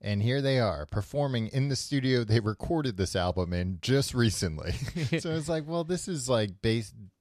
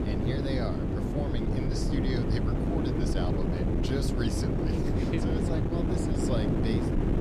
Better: first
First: none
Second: wind noise on the microphone; heavy; 4 dB above the speech

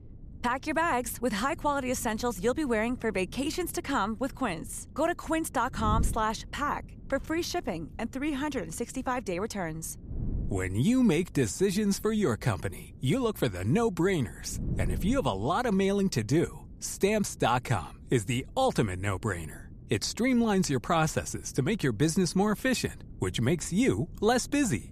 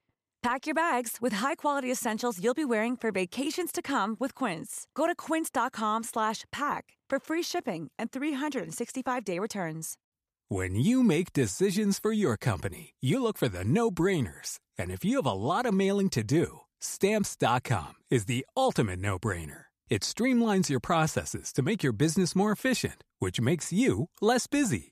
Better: second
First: wind noise on the microphone; occasional gusts; 25 dB below the speech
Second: none

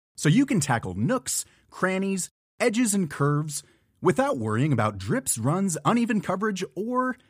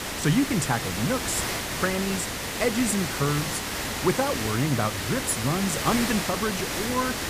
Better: first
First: none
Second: hiss; loud; throughout; 2 dB below the speech

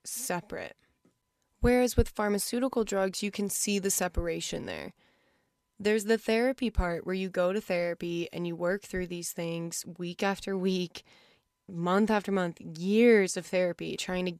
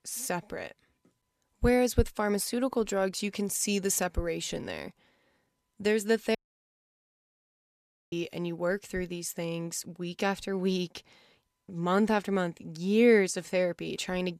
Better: first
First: none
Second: audio cutting out; at 6.5 s for 2 s

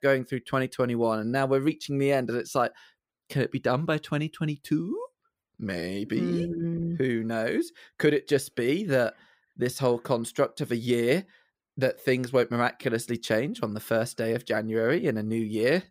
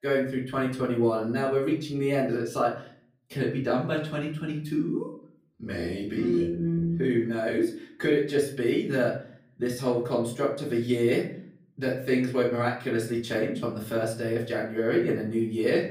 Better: first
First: none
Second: off-mic speech; far // room echo; slight; dies away in 0.5 s

